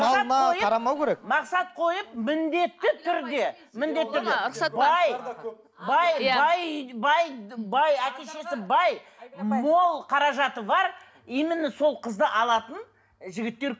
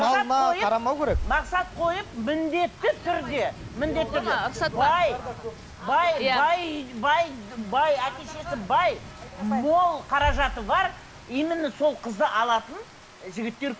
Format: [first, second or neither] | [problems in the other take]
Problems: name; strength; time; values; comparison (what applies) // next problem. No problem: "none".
first | background sound (Bass drum + Rain); 13 dB below the speech